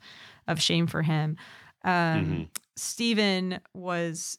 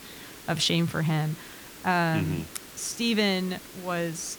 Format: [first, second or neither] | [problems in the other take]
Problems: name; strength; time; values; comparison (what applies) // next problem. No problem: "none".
first | hiss; noticeable; throughout; 15 dB below the speech